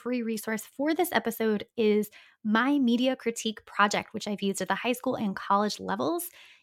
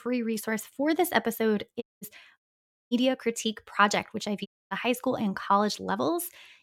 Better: first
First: none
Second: audio cutting out; at 2 s, at 2.5 s for 0.5 s and at 4.5 s

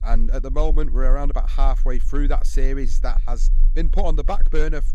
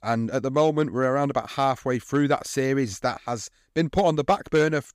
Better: second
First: low rumble; faint; throughout; 20 dB below the speech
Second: none

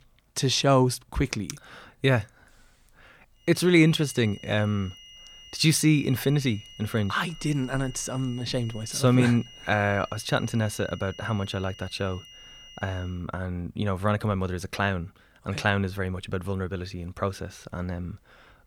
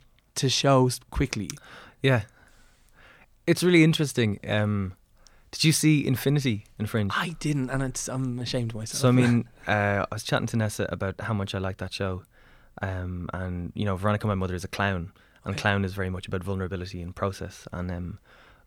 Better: second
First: high-pitched whine; noticeable; from 3.5 to 13 s; 3 kHz, 20 dB below the speech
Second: none

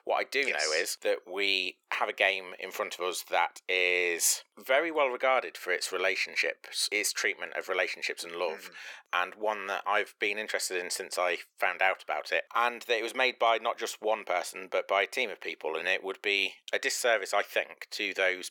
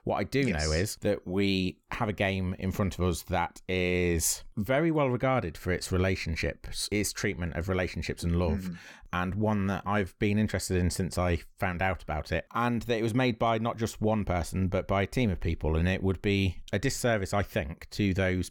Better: second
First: thin; very; fading below 450 Hz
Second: none

